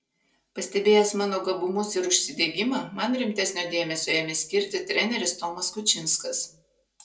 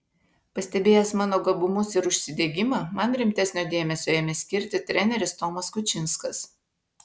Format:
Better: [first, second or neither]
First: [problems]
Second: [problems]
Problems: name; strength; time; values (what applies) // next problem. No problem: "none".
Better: second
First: room echo; dies away in 0.2 s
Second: none